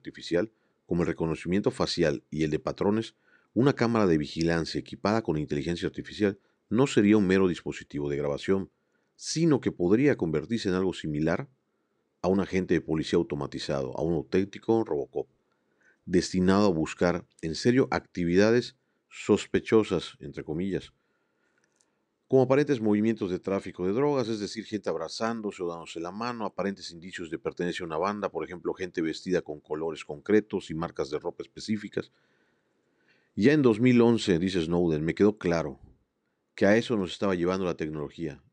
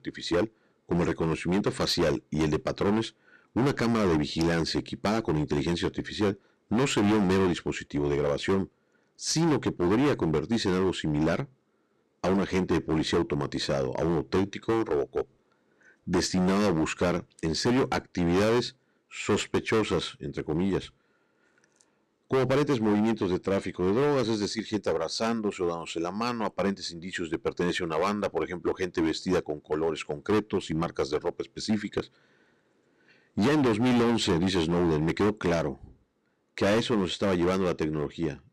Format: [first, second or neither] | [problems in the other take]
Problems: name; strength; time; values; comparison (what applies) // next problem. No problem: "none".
first | distortion; heavy; 13% of the sound clipped